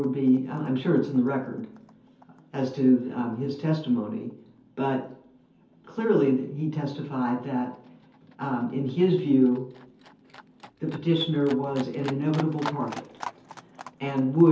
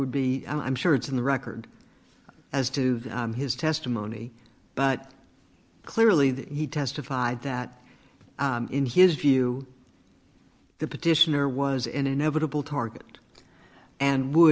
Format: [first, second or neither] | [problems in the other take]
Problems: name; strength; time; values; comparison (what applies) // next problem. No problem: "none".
second | background sound (Livestock, farm animals, working animals); 20 dB below the speech // room echo; dies away in 0.5 s